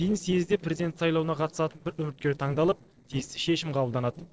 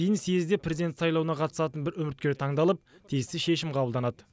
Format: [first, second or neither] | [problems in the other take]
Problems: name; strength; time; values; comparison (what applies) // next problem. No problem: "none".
second | noise reduction (neural separator model SepFormer DNS4)